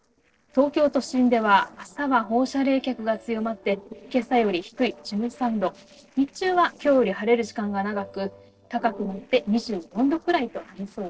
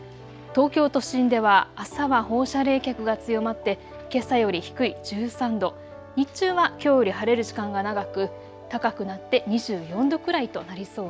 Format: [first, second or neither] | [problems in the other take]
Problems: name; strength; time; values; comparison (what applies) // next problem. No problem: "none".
second | noise reduction (neural separator model SepFormer DNS4)